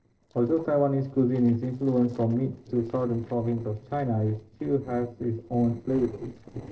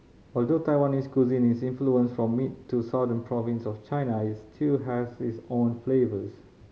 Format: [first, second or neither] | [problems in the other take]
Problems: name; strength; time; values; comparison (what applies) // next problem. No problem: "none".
second | noise reduction (neural separator model SepFormer DNS4)